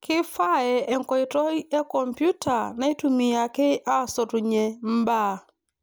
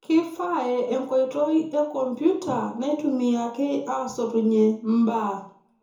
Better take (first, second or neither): first